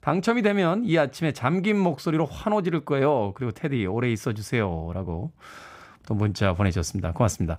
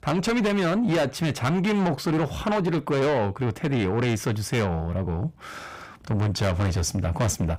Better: first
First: none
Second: distortion; heavy; 7 dB below the speech

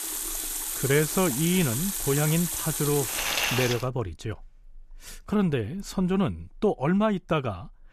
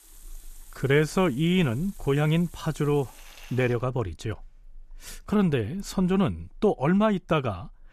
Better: second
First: household noises; loud; until 3.5 s; 1 dB below the speech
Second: household noises; faint; until 3.5 s; 25 dB below the speech

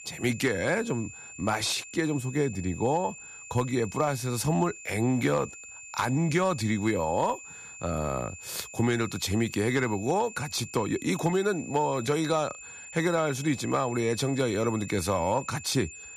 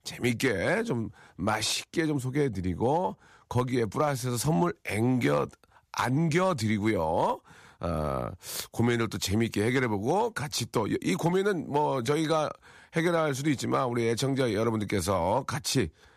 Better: second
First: high-pitched whine; noticeable; throughout; 2.5 kHz, 15 dB below the speech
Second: none

